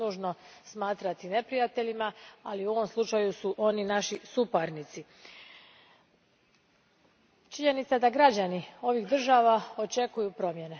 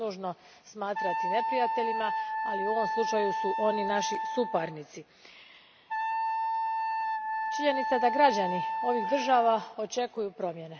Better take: first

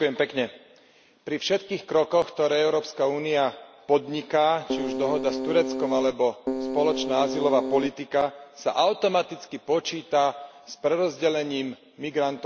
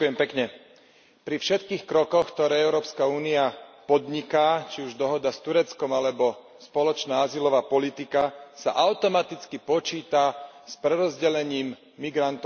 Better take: second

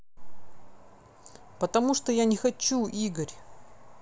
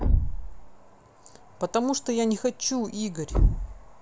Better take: first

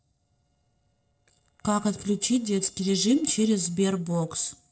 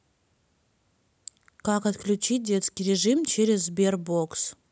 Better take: second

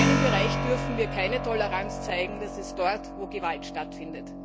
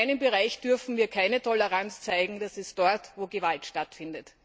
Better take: second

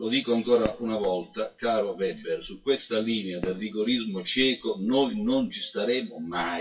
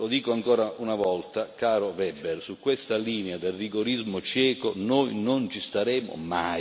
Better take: second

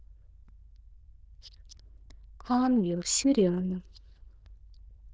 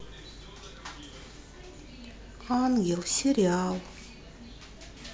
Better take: second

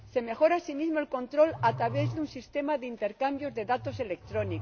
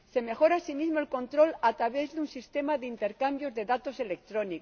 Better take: second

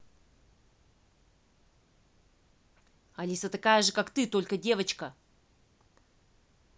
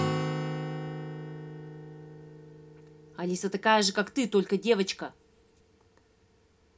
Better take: first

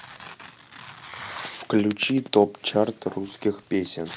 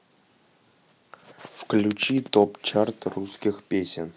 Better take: second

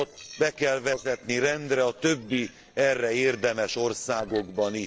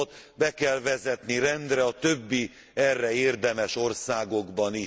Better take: second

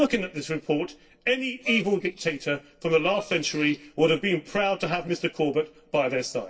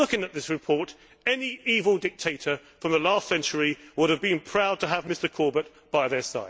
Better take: second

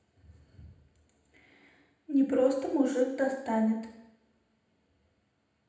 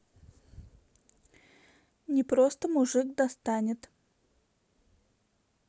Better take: second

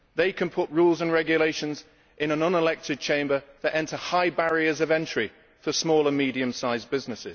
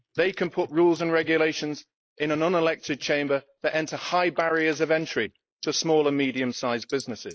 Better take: first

